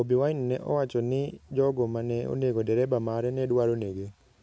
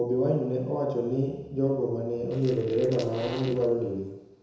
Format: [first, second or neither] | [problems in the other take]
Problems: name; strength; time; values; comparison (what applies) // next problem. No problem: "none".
first | background sound (Fart); 16 dB below the speech // room echo; dies away in 1 s